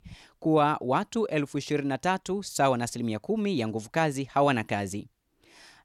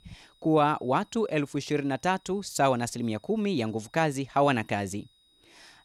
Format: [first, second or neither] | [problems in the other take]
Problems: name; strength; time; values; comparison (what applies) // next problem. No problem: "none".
first | high-pitched whine; faint; throughout; 4 kHz, 35 dB below the speech